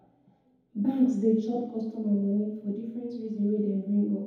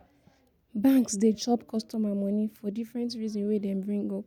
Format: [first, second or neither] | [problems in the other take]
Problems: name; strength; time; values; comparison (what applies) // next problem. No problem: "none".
second | room echo; dies away in 2 s